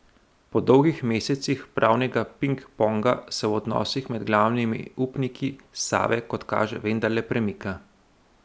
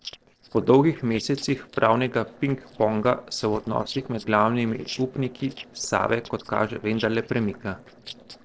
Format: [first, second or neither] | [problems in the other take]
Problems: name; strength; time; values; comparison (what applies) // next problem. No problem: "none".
first | noise reduction (neural separator model SepFormer DNS4)